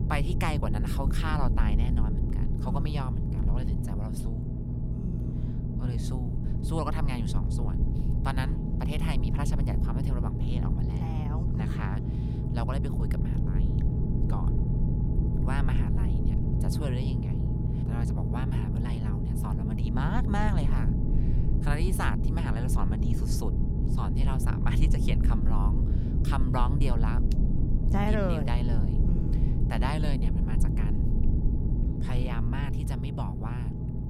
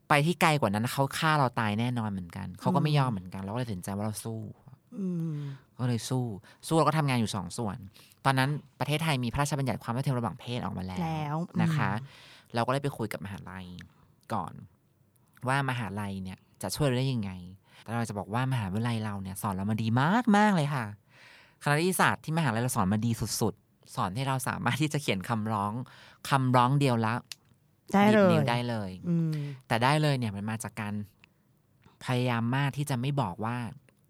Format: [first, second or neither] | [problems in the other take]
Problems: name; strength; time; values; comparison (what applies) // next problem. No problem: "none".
second | low rumble; loud; throughout; 3 dB below the speech